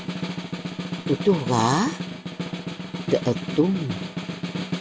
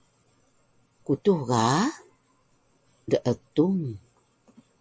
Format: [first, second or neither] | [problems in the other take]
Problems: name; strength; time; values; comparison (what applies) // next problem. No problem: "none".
second | background sound (Snare drum); 5 dB below the speech